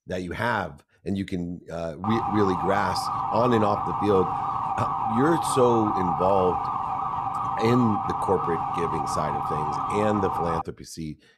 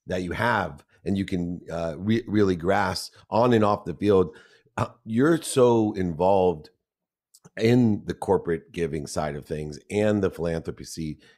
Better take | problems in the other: second | siren; loud; from 2 to 11 s; peak 1 dB above the speech

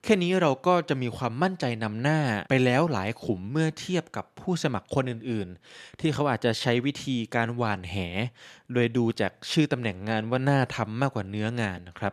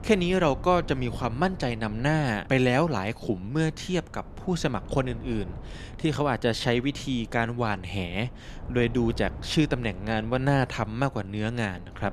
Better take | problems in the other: first | wind noise on the microphone; occasional gusts; 20 dB below the speech

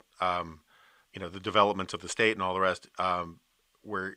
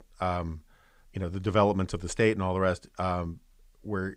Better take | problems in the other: second | thin; somewhat; fading below 850 Hz

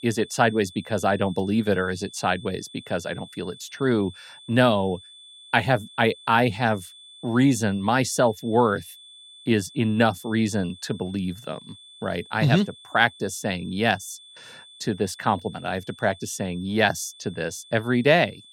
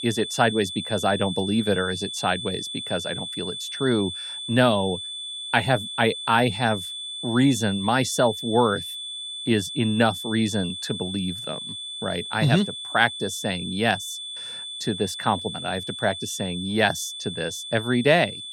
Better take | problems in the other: first | high-pitched whine; loud; throughout; 3.5 kHz, 7 dB below the speech; faint in the first

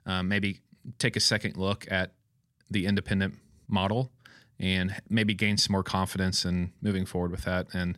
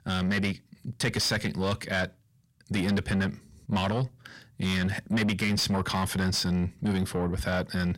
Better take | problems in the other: first | distortion; heavy; 8 dB below the speech

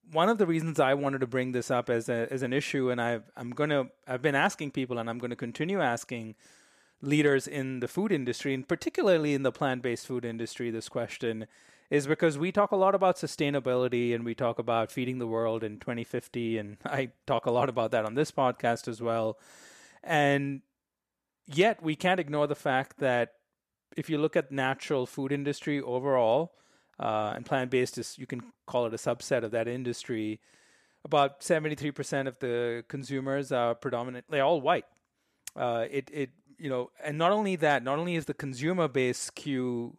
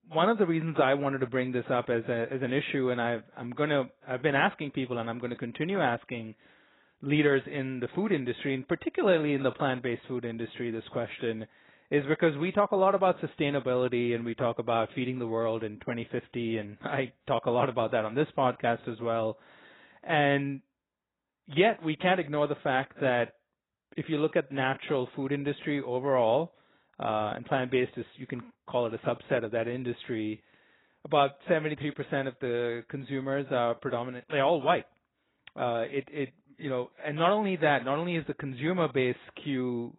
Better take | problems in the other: first | garbled, watery; badly; nothing above 4 kHz

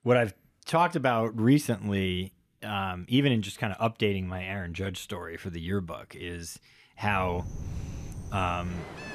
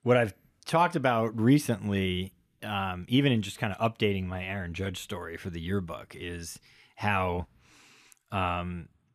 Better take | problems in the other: second | rain or running water; noticeable; from 7.5 s on; 10 dB below the speech

